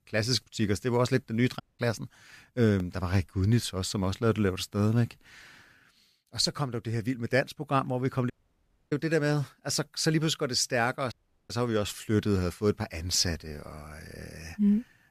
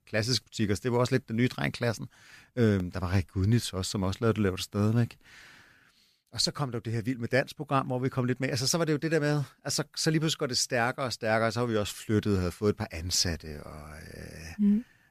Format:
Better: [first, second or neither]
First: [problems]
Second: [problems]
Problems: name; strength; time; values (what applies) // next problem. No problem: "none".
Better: second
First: audio cutting out; at 1.5 s, at 8.5 s for 0.5 s and at 11 s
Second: none